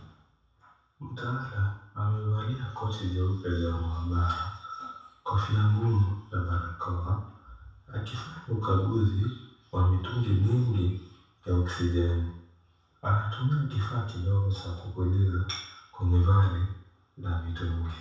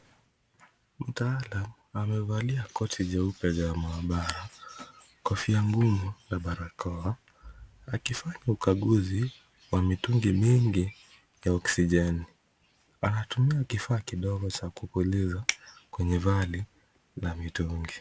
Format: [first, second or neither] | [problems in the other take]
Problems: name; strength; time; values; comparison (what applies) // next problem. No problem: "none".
second | room echo; dies away in 0.7 s